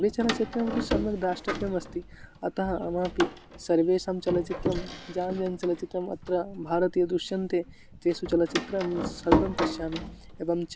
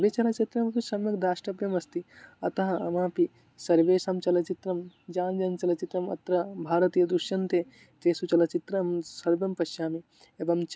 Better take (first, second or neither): second